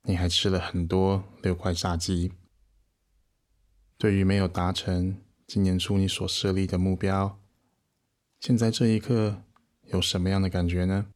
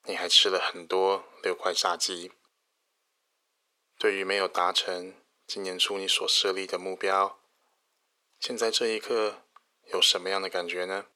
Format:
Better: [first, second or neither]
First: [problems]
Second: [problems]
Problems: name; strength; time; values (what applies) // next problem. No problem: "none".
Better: first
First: none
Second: thin; very; fading below 450 Hz